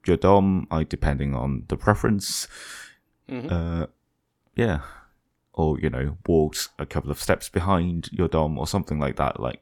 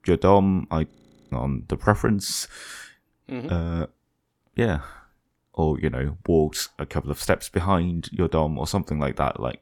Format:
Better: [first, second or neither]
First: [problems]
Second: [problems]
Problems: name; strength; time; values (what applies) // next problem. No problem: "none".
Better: first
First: none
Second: audio freezing; at 1 s